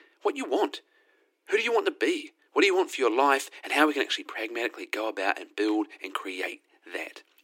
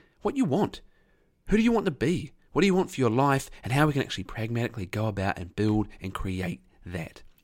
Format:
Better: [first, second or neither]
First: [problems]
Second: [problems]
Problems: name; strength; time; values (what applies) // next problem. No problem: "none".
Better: second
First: thin; very; fading below 300 Hz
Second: none